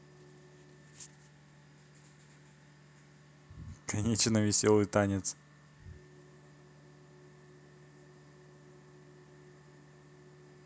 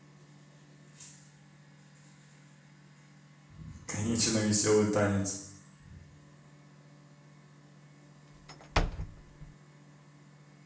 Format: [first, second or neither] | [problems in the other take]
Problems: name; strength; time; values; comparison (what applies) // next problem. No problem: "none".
first | background sound (Slam / Wood); 1 dB below the speech // room echo; dies away in 0.7 s